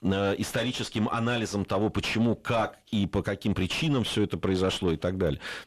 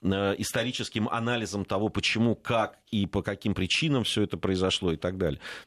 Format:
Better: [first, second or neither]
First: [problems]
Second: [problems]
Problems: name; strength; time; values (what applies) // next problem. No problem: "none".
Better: second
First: distortion; slight; 10 dB below the speech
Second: none